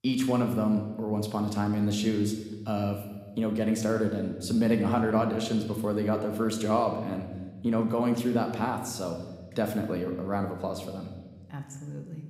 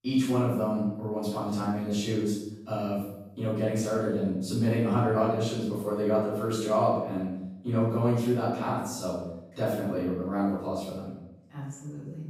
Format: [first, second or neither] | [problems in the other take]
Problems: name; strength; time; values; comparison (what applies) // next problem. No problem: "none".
first | room echo; strong; dies away in 0.7 s; slight in the first // off-mic speech; far